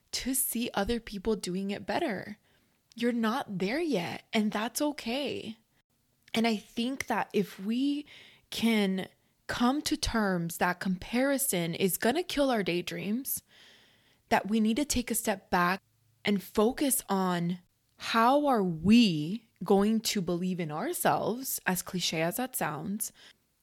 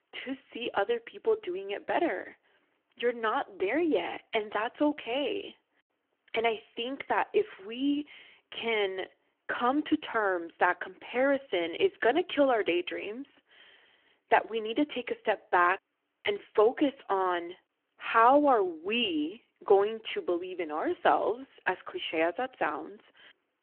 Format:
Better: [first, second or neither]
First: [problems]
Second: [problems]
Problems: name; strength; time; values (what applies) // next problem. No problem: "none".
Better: first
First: none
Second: phone-call audio